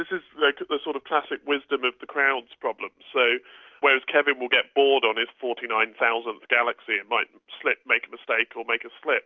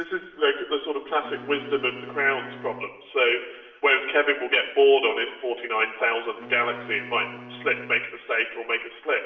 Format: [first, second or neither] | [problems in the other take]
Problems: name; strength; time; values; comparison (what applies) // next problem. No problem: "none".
first | background sound (Wind instrument, woodwind instrument); 19 dB below the speech // room echo; dies away in 0.8 s